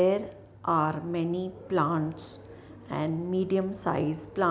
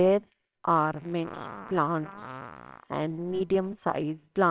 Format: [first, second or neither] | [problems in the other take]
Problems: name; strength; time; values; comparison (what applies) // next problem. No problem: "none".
first | noise reduction (neural separator model SepFormer WHAMR!)